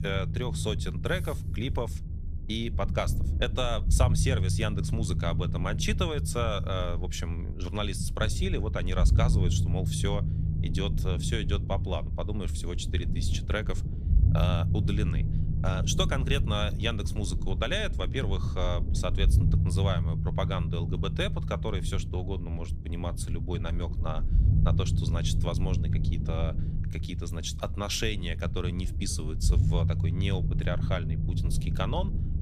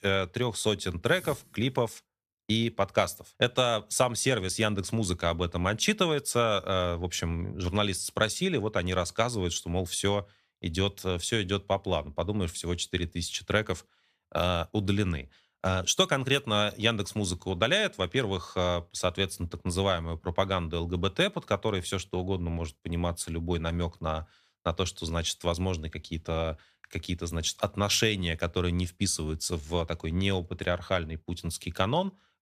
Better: second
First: low rumble; loud; throughout; 9 dB below the speech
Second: none

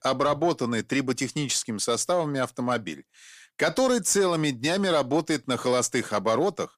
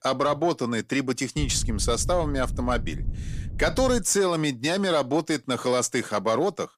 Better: first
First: none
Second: wind noise on the microphone; occasional gusts; from 1.5 to 4 s; 20 dB below the speech

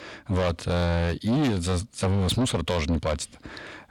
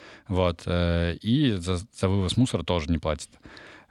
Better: second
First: distortion; heavy; 6 dB below the speech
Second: none

